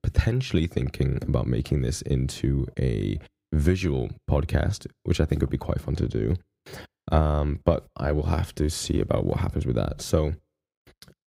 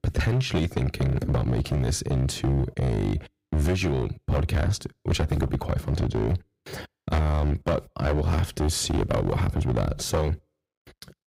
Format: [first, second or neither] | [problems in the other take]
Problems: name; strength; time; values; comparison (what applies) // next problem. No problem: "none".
first | distortion; heavy; 12% of the sound clipped